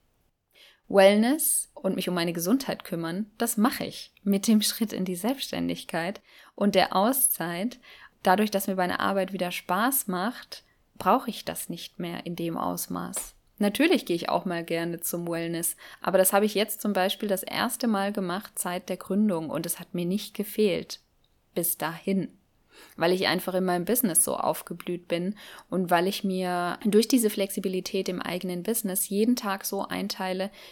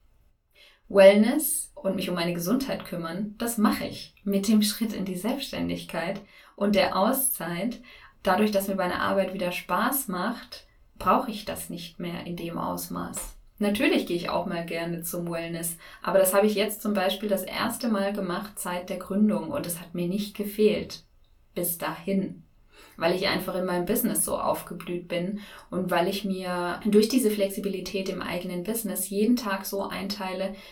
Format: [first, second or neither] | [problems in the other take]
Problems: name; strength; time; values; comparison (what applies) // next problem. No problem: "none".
first | off-mic speech; far // room echo; very slight; dies away in 0.2 s